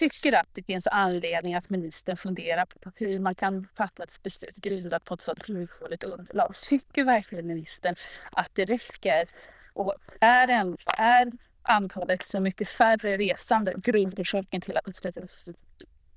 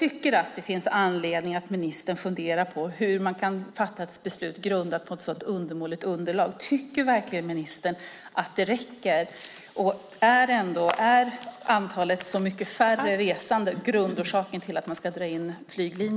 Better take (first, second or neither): second